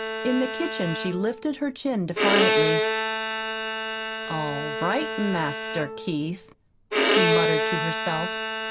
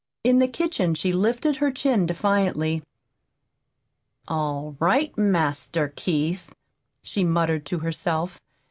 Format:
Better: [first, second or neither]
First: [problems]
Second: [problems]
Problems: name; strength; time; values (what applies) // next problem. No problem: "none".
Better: second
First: background sound (Bowed string instrument); 2 dB above the speech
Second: none